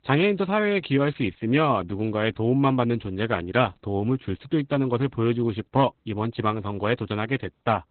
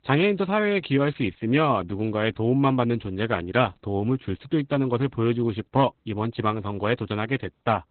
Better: neither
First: garbled, watery; badly; nothing above 4 kHz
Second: garbled, watery; badly; nothing above 4 kHz

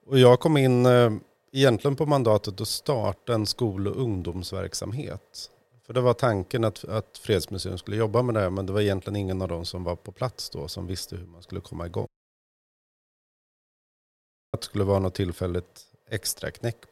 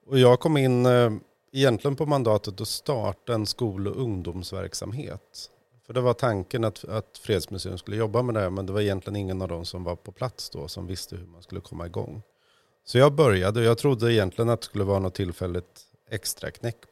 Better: second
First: audio cutting out; at 12 s for 2.5 s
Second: none

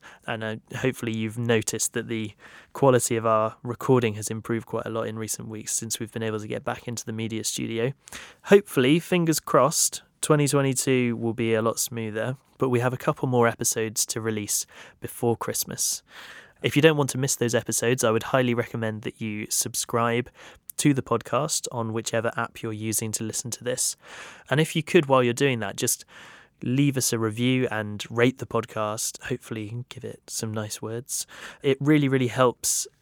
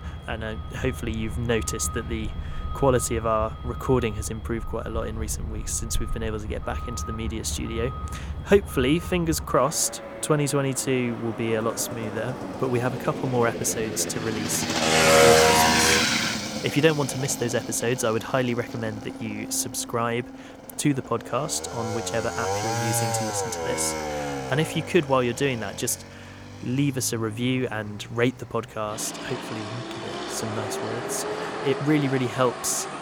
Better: first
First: none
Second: traffic noise; loud; throughout; 1 dB below the speech

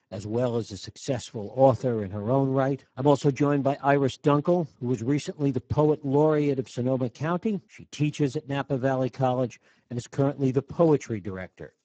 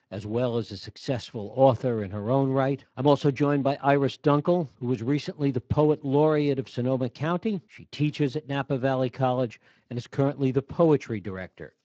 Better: second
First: garbled, watery; badly; nothing above 8 kHz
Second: garbled, watery; slightly

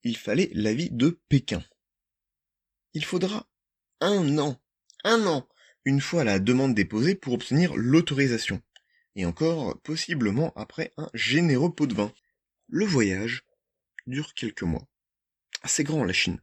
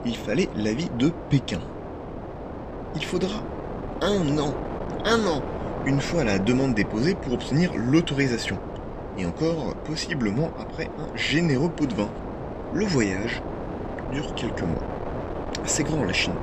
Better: first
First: none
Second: wind noise on the microphone; heavy; 7 dB below the speech

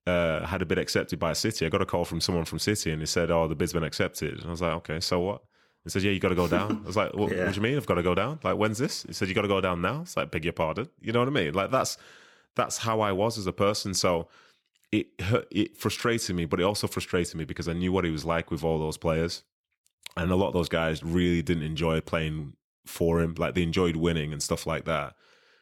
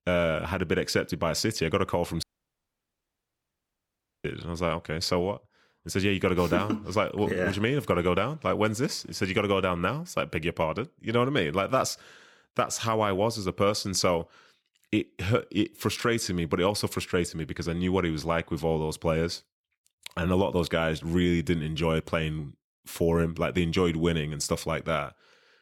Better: first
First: none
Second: audio cutting out; at 2 s for 2 s

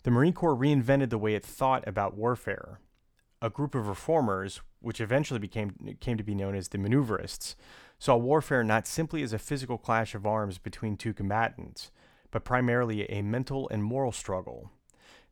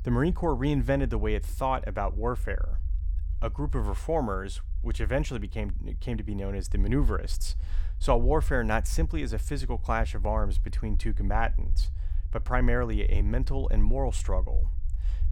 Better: first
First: none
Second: low rumble; faint; throughout; 25 dB below the speech

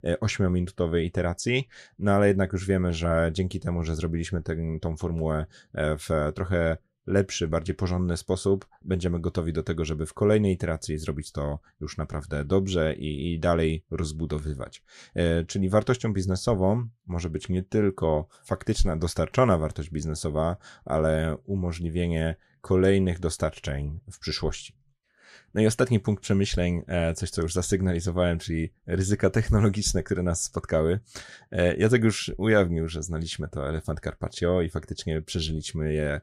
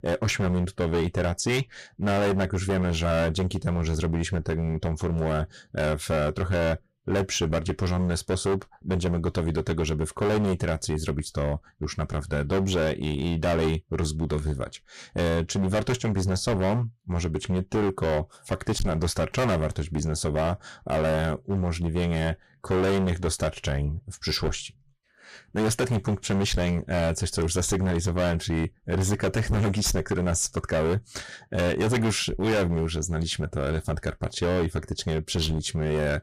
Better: first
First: none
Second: distortion; heavy; 17% of the sound clipped

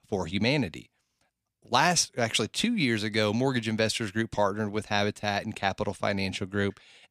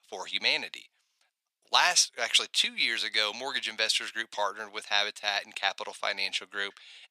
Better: first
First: none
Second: thin; very; fading below 850 Hz

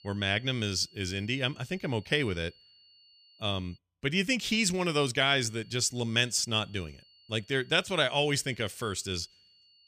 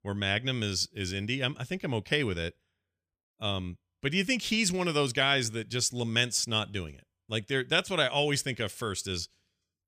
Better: second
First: high-pitched whine; faint; until 4 s and from 5.5 s on; 4.5 kHz, 30 dB below the speech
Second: none

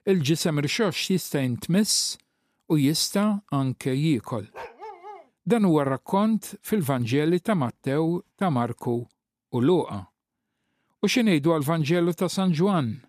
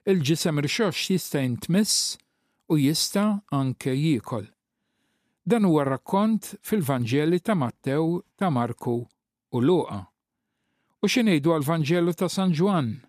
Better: second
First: dog barking; faint; at 4.5 s; peak 15 dB below the speech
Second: none

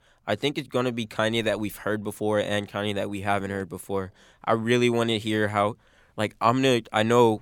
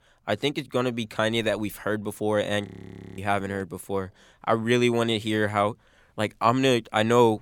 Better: first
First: none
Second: audio freezing; at 2.5 s for 0.5 s

